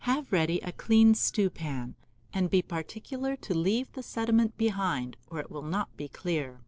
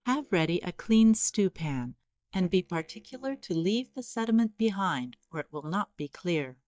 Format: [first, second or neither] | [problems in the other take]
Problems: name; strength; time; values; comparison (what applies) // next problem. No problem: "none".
first | noise reduction (neural mask model DeepFilterNet 3)